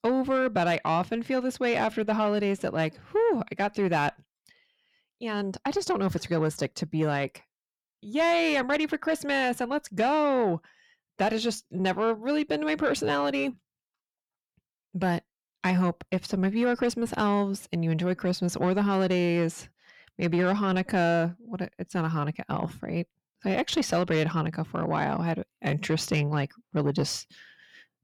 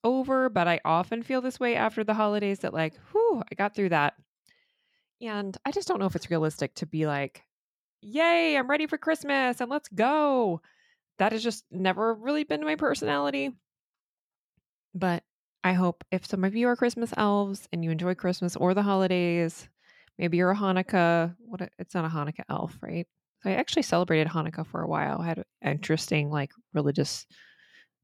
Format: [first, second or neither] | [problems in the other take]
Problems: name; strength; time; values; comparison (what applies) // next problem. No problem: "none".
second | distortion; slight; 10 dB below the speech